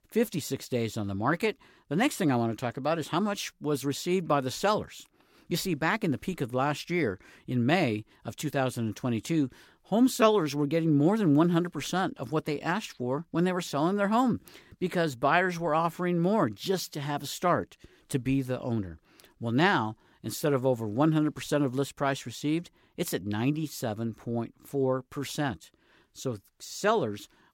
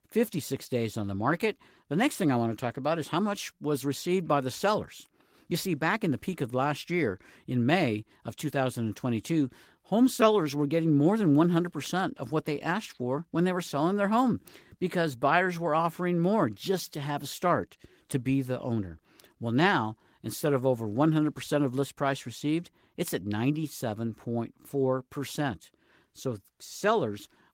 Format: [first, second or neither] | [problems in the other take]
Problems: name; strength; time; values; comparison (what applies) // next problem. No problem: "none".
first | garbled, watery; slightly; nothing above 16.5 kHz